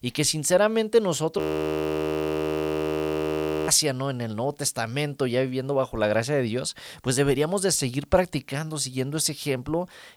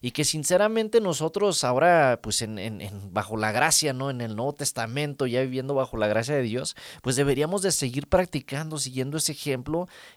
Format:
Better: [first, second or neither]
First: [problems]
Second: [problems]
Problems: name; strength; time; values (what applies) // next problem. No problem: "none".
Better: second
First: audio freezing; at 1.5 s for 2.5 s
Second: none